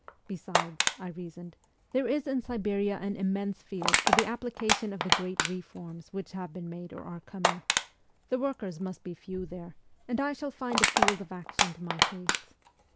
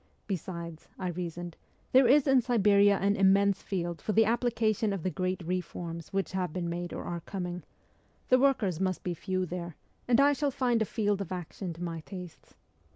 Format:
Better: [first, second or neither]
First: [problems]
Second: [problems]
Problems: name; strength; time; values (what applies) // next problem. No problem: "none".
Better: second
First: background sound (Crushing); 2 dB above the speech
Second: none